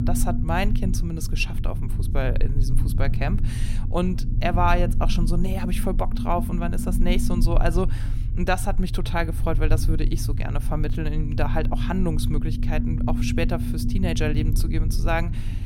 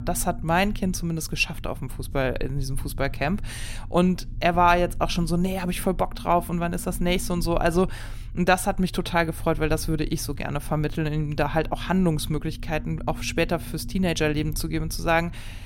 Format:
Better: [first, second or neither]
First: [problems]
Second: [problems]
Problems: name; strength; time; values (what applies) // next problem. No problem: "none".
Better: second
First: low rumble; loud; throughout; 9 dB below the speech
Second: low rumble; faint; throughout; 25 dB below the speech